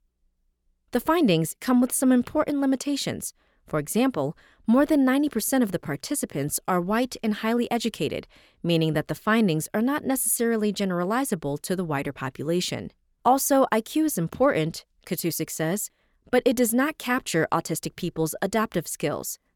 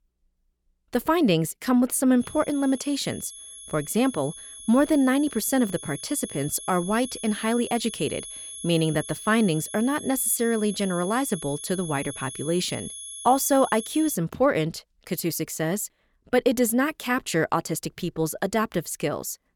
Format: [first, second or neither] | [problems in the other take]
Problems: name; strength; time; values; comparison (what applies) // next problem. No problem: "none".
first | high-pitched whine; noticeable; from 2 to 14 s; 11 kHz, 10 dB below the speech